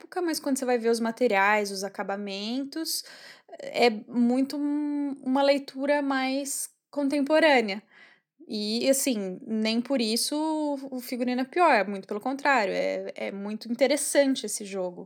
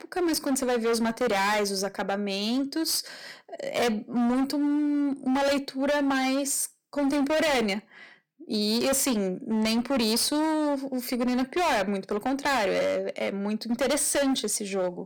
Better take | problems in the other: first | distortion; heavy; 21% of the sound clipped

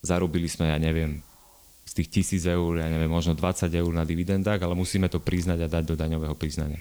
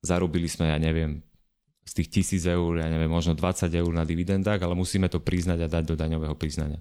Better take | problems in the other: second | hiss; faint; throughout; 25 dB below the speech

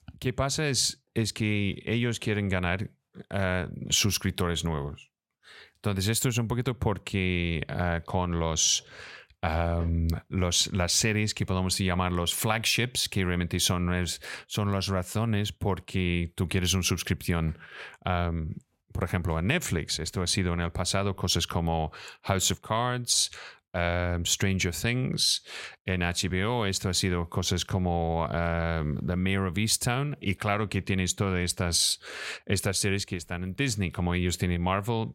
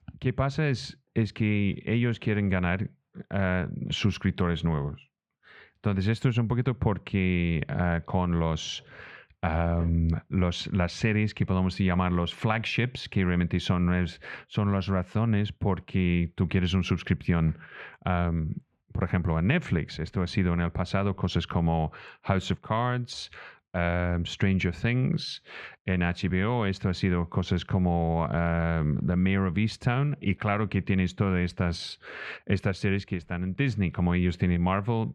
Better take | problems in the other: first | muffled; slightly; fading above 2 kHz

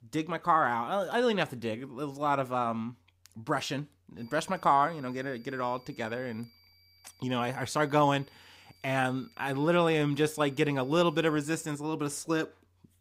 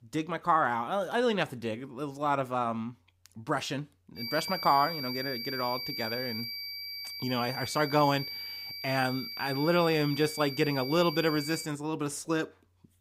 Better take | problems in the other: first | high-pitched whine; loud; from 4 to 12 s; 4.5 kHz, 6 dB below the speech; faint in the first

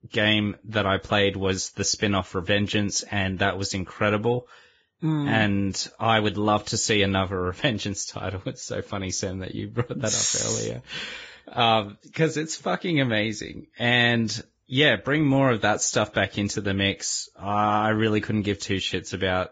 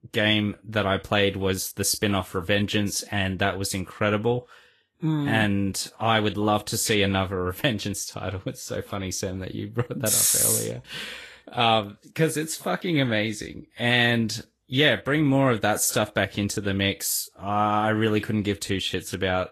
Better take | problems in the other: second | garbled, watery; badly; nothing above 7.5 kHz; slightly in the second

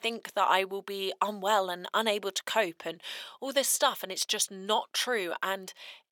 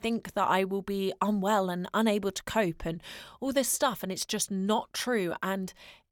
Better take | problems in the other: second | thin; somewhat; fading below 450 Hz

